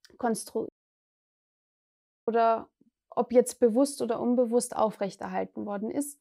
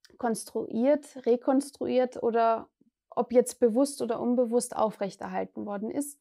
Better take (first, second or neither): second